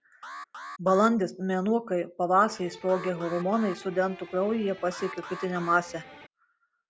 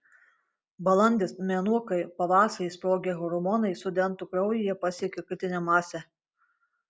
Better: second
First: background sound (Alarm + Electric guitar); 16 dB below the speech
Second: none

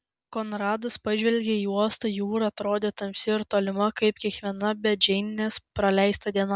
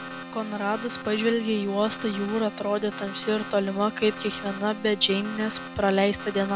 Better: first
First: none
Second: background sound (Keyboard (musical) + Alarm); 11 dB below the speech

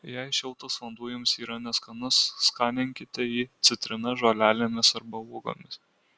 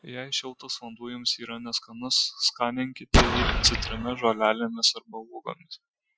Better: first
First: none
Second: noise reduction (classical method Wiener filter)

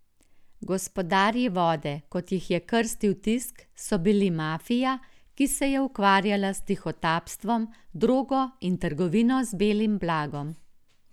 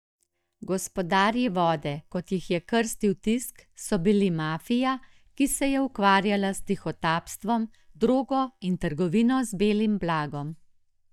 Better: first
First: none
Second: noise reduction (neural mask model DeepFilterNet 3)

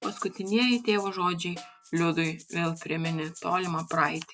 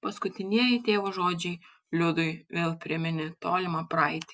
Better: second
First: background sound (Snare drum + Rattle (instrument)); 19 dB below the speech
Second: none

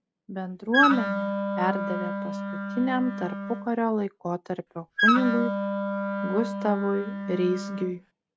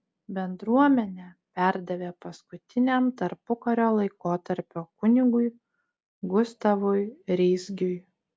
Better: second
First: background sound (Wind instrument, woodwind instrument); as loud as the speech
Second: none

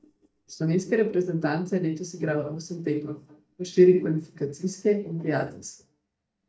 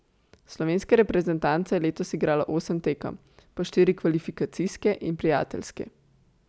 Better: second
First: noise reduction (neural mask model DeepFilterNet 3)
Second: none

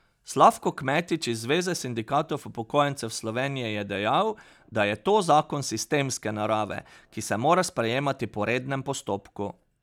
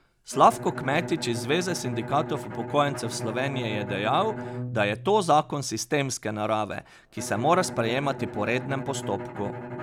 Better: first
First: none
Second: background sound (Bowed string instrument); 10 dB below the speech

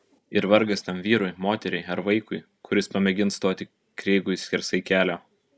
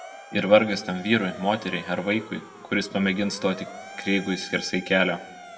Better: first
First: none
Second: background sound (Motor vehicle (road) / Siren); 17 dB below the speech // room echo; dies away in 0.8 s

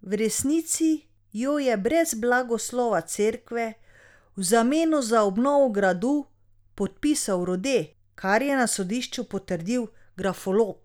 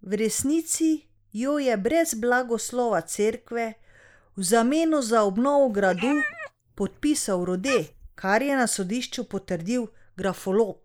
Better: first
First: none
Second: noise reduction (neural mask model Resemble Enhance denoiser)

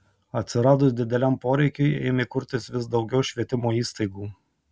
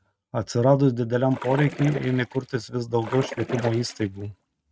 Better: first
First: none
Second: noise reduction (neural mask model RNNoise)

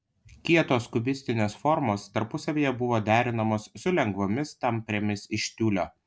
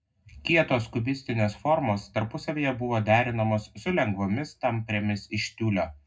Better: first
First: none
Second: room echo; dies away in 0.3 s

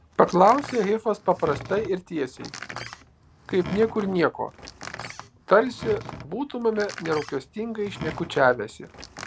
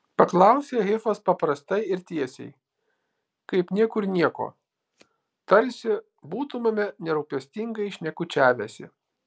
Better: second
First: background sound (Door); 14 dB below the speech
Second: none

